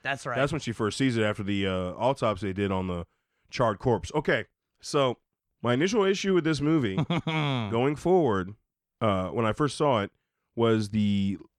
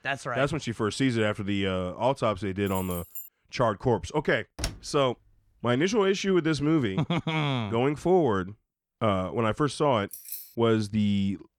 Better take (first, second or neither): first